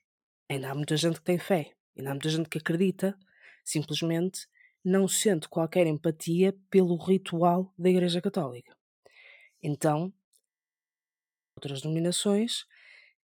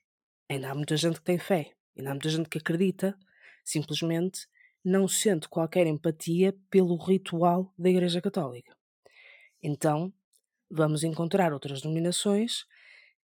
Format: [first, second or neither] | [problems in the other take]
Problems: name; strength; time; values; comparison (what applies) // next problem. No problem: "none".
second | audio freezing; at 10 s for 1 s